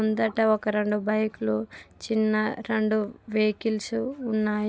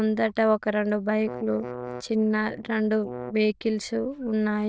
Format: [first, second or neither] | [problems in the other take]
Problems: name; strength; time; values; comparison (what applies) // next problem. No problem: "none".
first | noise reduction (neural diffusion model UNIVERSE++)